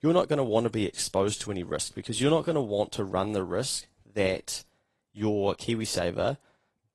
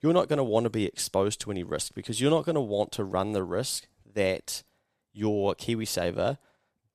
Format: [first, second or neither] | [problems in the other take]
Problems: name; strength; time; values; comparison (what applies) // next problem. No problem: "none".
second | garbled, watery; slightly; nothing above 11.5 kHz